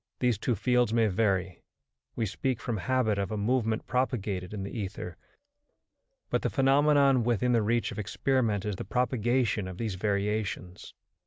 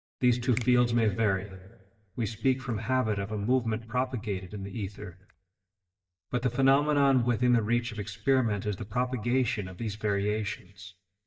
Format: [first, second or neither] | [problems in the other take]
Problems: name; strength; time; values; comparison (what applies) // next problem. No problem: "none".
first | noise reduction (neural mask model DeepFilterNet 3)